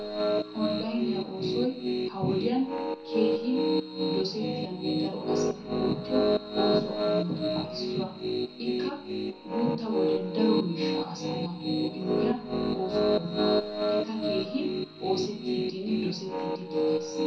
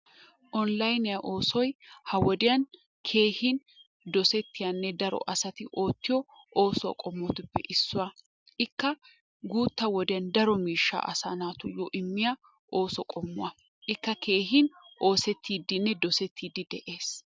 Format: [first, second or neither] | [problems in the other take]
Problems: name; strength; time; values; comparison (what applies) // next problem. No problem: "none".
second | background sound (Piano); 4 dB above the speech // room echo; dies away in 0.5 s